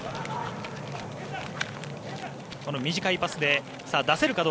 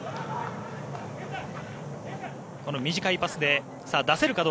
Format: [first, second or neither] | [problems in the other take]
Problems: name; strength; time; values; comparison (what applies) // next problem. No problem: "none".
second | background sound (Crumpling, crinkling); 15 dB below the speech